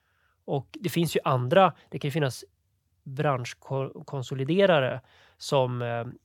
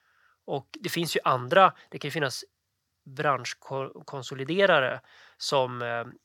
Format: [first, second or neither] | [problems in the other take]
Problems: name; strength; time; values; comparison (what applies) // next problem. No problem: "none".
first | thin; very slightly; fading below 550 Hz